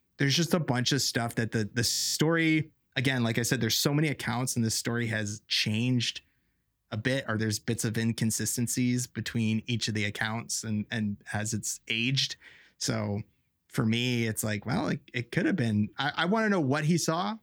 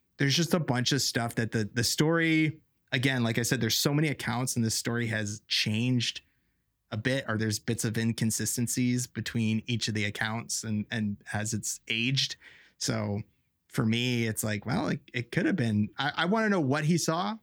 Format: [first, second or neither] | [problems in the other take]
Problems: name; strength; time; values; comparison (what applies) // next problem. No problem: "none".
second | audio freezing; at 2 s